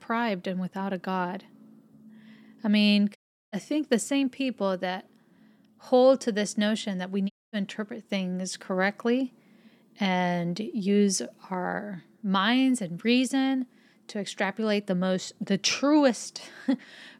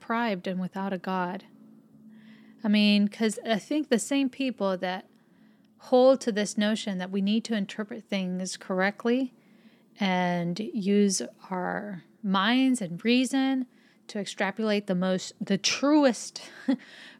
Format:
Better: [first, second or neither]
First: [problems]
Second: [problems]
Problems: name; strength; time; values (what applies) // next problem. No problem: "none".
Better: second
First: audio cutting out; at 3 s and at 7.5 s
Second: none